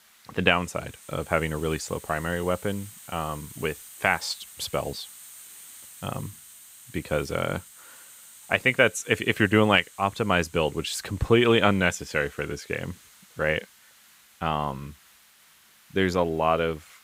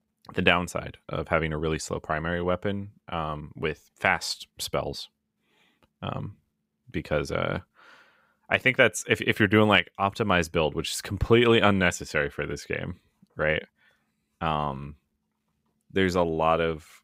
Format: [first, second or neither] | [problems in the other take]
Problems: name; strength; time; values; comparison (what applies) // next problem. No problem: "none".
second | hiss; faint; throughout; 20 dB below the speech